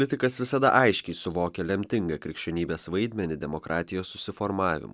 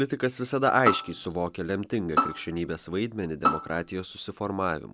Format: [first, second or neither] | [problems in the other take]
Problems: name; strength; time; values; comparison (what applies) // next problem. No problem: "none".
first | background sound (Bowed string instrument); 3 dB below the speech